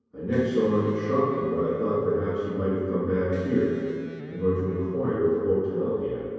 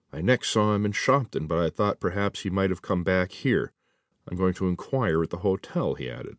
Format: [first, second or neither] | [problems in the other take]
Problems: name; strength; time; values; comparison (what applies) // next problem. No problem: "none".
second | background sound (Electric guitar); 16 dB below the speech // room echo; dies away in 2.2 s